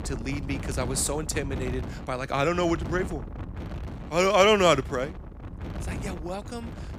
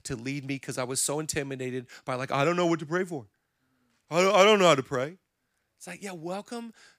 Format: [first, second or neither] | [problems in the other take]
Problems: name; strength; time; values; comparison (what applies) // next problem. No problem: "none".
second | wind noise on the microphone; occasional gusts; 20 dB below the speech